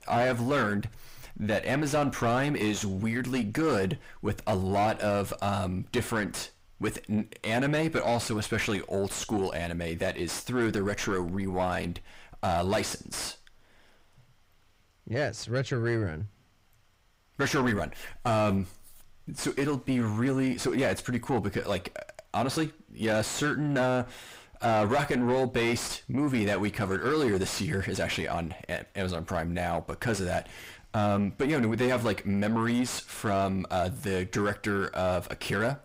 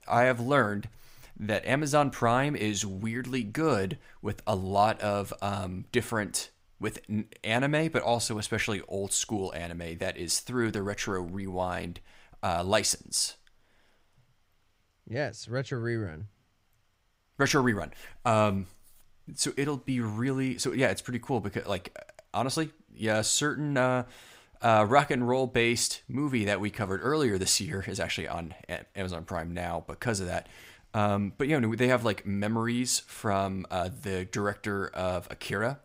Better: second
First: distortion; heavy; 5 dB below the speech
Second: none

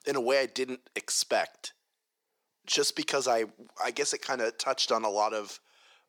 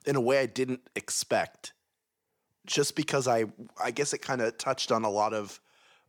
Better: second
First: thin; very slightly; fading below 350 Hz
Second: none

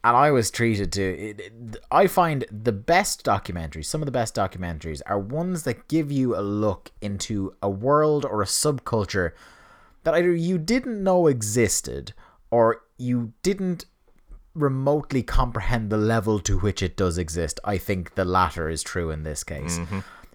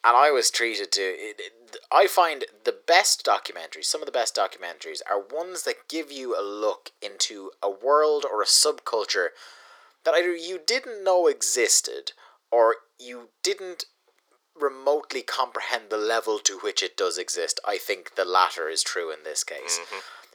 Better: first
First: none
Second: thin; very; fading below 400 Hz

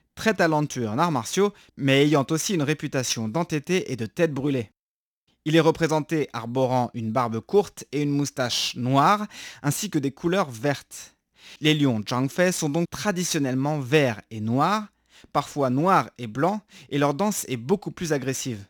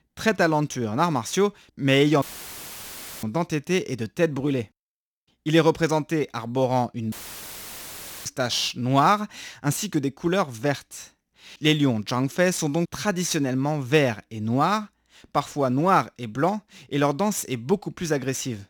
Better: first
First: none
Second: audio cutting out; filled with static; at 2 s for 1 s and at 7 s for 1 s

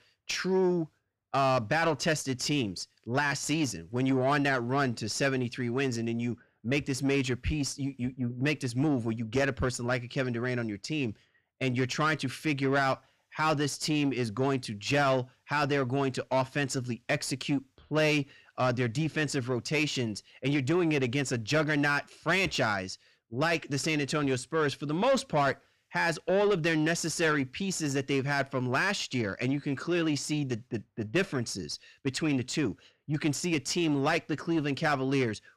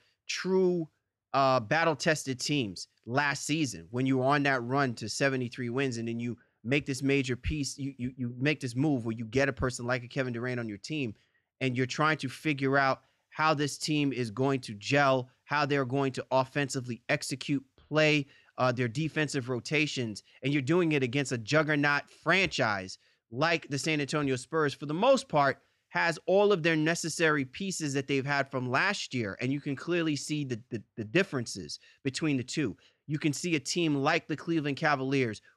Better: second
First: distortion; slight; 10 dB below the speech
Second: none

